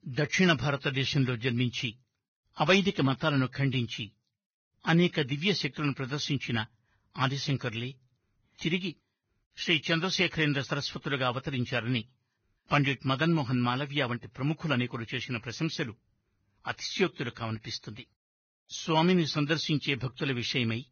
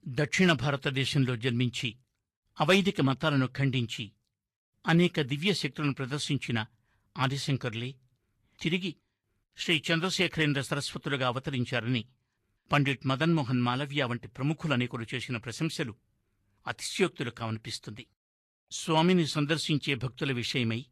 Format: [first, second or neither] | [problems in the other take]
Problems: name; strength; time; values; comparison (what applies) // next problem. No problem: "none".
second | garbled, watery; badly; nothing above 6.5 kHz; slightly in the second